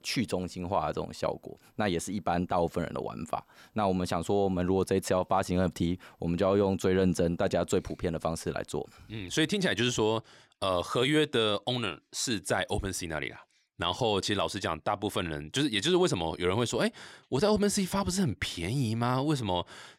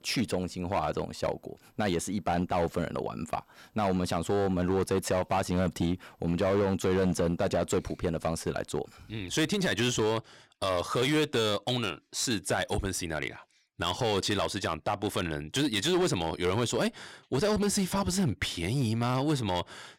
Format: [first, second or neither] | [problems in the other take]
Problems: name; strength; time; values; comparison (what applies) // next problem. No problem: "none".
first | distortion; slight; 9% of the sound clipped